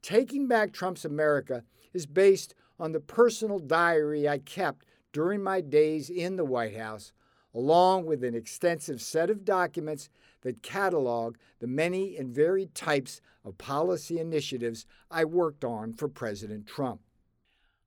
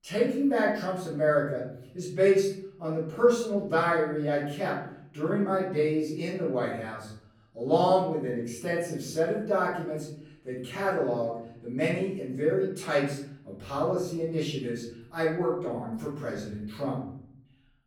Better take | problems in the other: first | off-mic speech; far // room echo; noticeable; dies away in 0.8 s

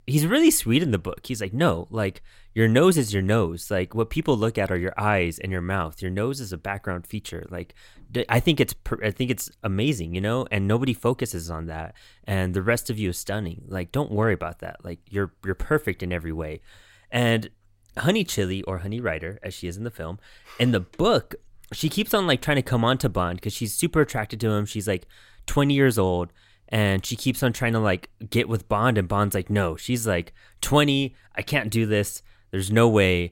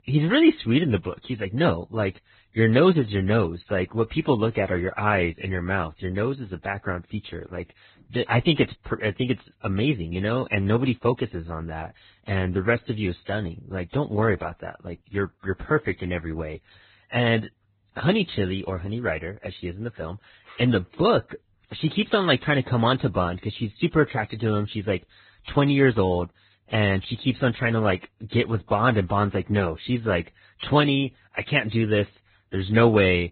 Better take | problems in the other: first | garbled, watery; badly; nothing above 4 kHz

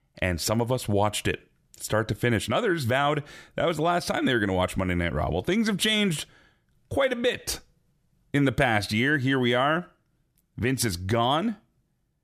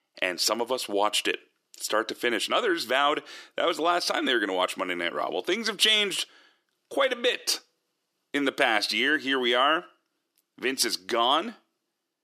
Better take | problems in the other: first | thin; somewhat; fading below 300 Hz

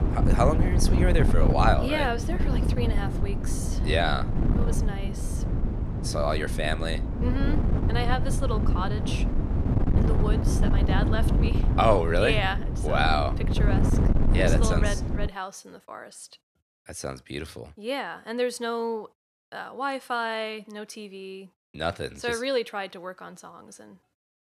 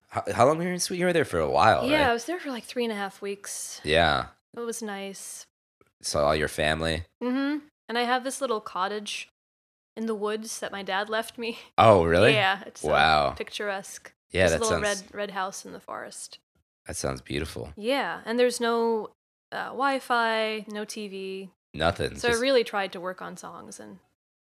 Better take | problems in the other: second | wind noise on the microphone; heavy; until 15 s; 7 dB below the speech

